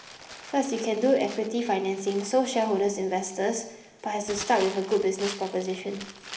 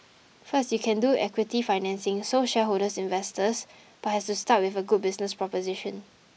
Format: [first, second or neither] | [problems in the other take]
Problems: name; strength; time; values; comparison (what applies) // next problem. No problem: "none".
second | background sound (Crumpling, crinkling); 17 dB below the speech // room echo; dies away in 1 s